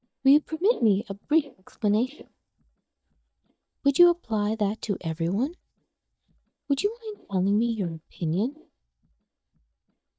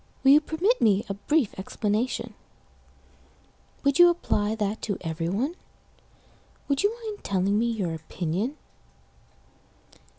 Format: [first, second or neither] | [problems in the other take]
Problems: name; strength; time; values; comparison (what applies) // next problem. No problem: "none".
second | noise reduction (neural mask model DeepFilterNet 3)